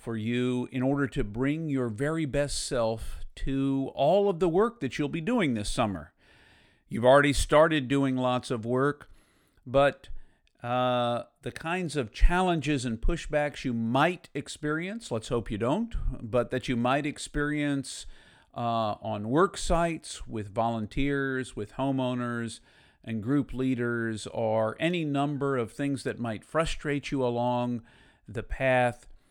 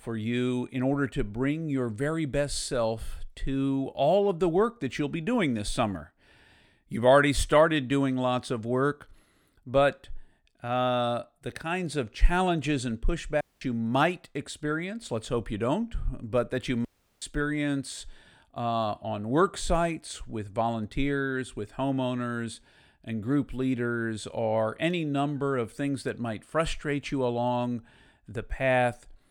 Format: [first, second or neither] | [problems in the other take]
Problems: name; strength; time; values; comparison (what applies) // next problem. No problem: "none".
first | audio cutting out; at 13 s and at 17 s